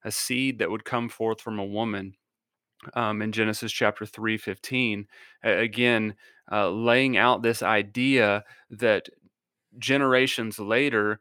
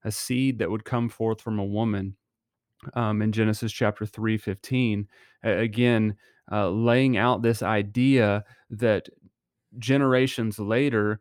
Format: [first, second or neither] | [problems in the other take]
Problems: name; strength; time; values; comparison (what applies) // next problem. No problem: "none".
second | thin; very slightly; fading below 950 Hz